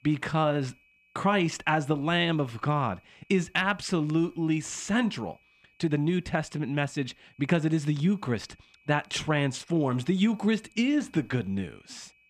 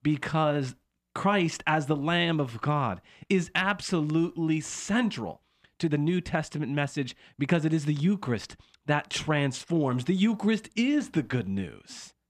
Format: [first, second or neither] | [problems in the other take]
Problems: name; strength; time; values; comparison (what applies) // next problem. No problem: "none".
second | high-pitched whine; faint; throughout; 2.5 kHz, 35 dB below the speech